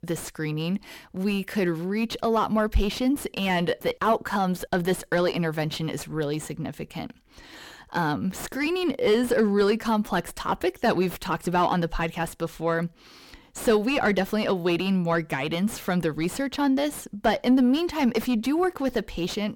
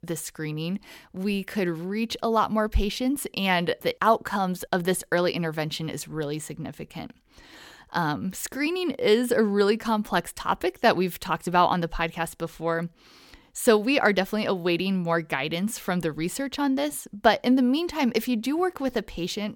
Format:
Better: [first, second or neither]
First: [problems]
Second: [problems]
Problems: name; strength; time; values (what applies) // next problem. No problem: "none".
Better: second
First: distortion; slight; 10 dB below the speech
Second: none